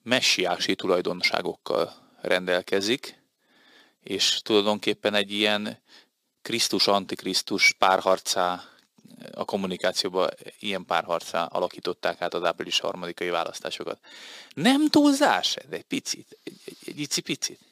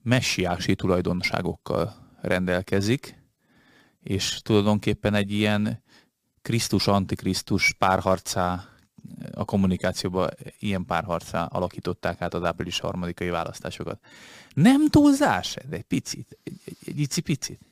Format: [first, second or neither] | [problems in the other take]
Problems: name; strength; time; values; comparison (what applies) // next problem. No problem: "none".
second | thin; very slightly; fading below 350 Hz